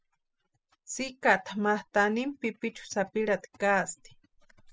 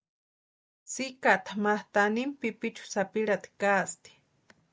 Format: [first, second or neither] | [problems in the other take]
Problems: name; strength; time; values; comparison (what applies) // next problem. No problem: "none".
second | noise reduction (classical method spectral subtraction)